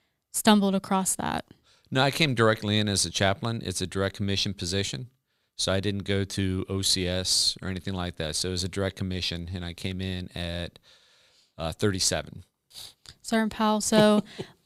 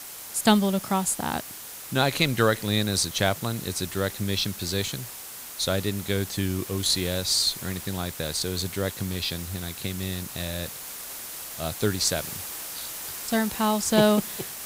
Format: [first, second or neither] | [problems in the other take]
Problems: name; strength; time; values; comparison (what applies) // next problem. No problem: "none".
first | hiss; loud; throughout; 10 dB below the speech